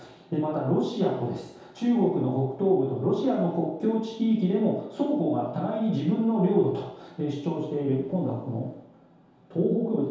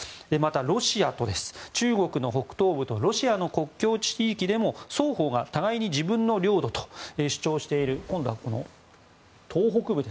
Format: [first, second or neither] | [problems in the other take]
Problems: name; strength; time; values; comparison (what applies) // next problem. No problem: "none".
second | room echo; dies away in 0.8 s